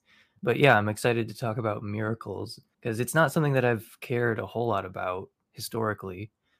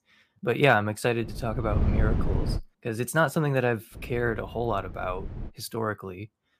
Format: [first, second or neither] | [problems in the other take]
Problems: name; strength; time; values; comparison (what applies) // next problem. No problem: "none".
first | wind noise on the microphone; occasional gusts; from 1 to 2.5 s and from 4 to 5.5 s; 15 dB below the speech